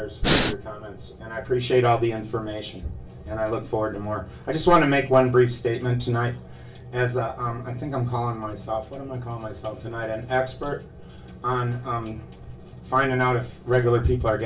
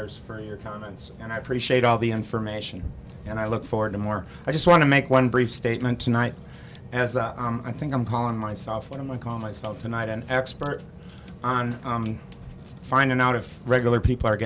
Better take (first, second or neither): second